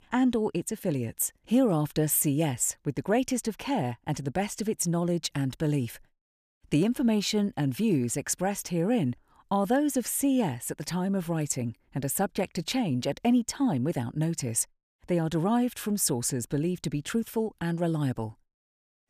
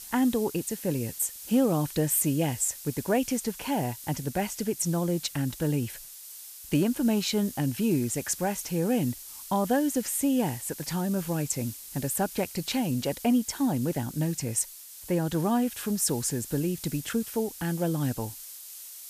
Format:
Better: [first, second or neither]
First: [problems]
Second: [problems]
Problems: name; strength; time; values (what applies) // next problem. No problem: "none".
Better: first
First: none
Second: hiss; noticeable; throughout; 10 dB below the speech